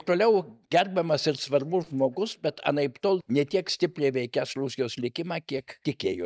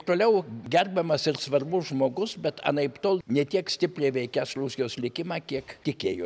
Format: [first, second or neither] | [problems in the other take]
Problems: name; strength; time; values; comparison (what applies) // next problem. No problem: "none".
second | noise reduction (neural mask model DeepFilterNet 3)